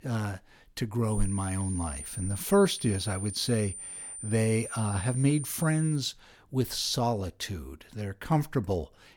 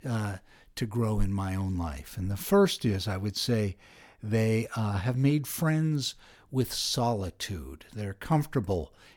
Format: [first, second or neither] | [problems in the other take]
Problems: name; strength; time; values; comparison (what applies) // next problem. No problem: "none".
second | high-pitched whine; loud; from 1 to 6 s; 9 kHz, 9 dB below the speech